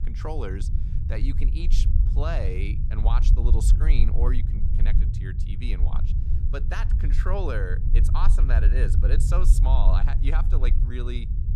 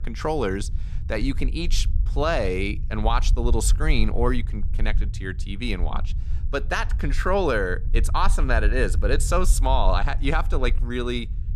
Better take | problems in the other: second | low rumble; loud; throughout; 7 dB below the speech; faint in the second

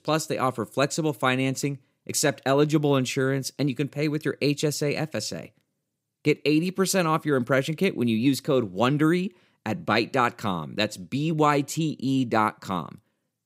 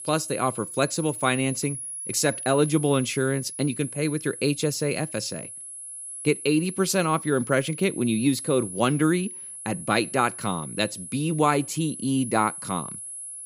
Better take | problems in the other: first | high-pitched whine; loud; throughout; 10.5 kHz, 9 dB below the speech

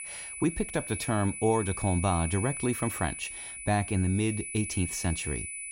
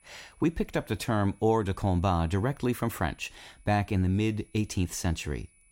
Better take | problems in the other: second | high-pitched whine; loud; throughout; 10 kHz, 6 dB below the speech; faint in the second

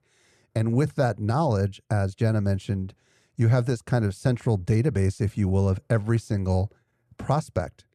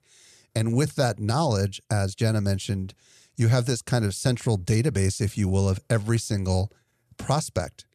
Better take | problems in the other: second | muffled; slightly; fading above 2.5 kHz

